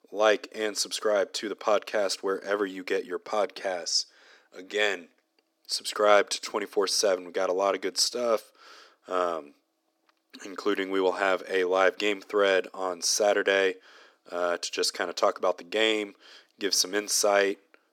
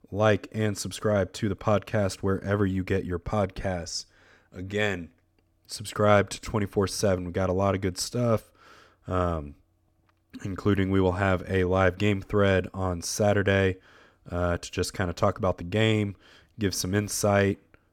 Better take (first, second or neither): second